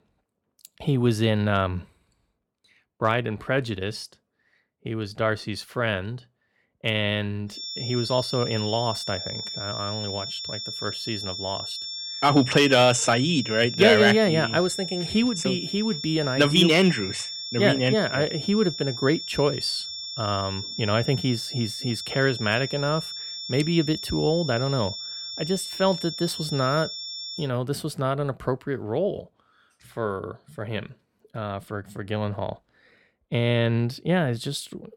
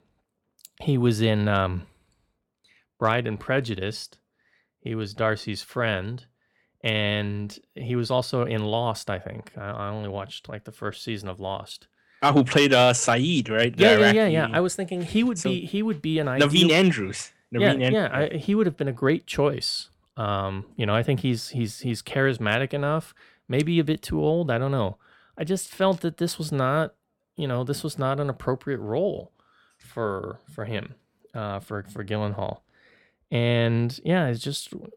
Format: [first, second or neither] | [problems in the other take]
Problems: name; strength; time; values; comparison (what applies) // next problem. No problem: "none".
second | high-pitched whine; loud; from 7.5 to 27 s; 5.5 kHz, 7 dB below the speech